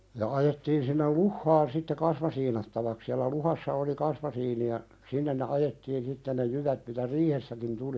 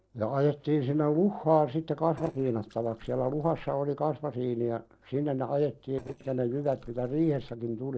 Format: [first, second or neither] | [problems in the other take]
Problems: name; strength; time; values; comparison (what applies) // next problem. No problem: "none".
first | noise reduction (neural separator model SepFormer DNS4)